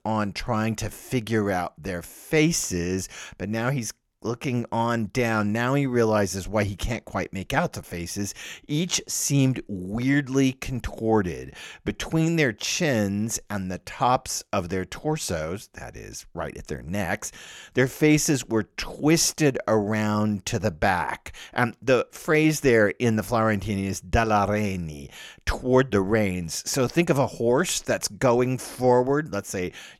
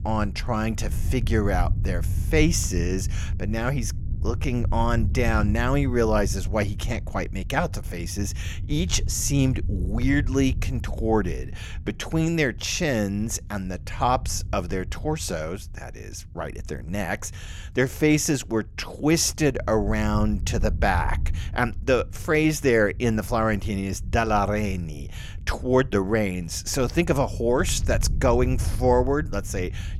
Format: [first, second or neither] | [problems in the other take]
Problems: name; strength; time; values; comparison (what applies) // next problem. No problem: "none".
first | low rumble; faint; throughout; 20 dB below the speech